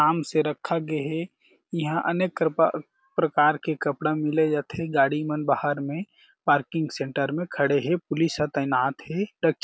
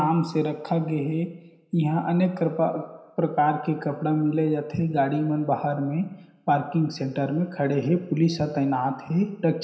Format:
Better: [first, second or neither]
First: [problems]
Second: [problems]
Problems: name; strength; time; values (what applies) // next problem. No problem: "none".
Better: first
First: none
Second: room echo; dies away in 0.9 s